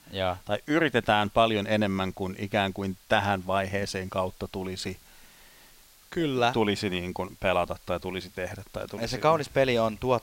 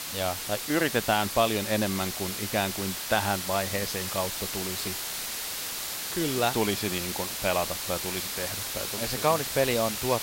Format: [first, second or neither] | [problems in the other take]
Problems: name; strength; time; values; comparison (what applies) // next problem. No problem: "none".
first | hiss; loud; throughout; 2 dB below the speech; faint in the first